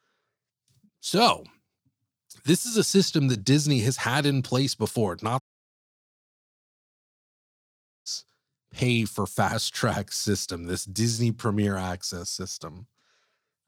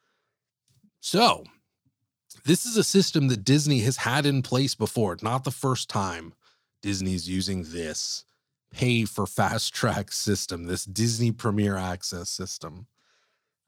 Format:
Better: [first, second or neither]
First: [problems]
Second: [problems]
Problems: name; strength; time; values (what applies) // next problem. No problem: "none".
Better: second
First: audio cutting out; at 5.5 s for 2.5 s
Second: none